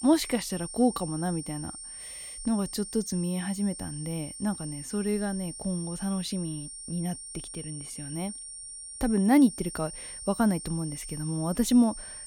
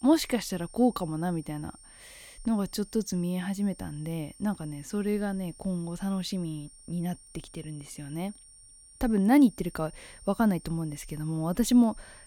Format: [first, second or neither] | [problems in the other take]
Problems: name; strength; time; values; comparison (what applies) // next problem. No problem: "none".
second | high-pitched whine; loud; throughout; 8.5 kHz, 10 dB below the speech; faint in the second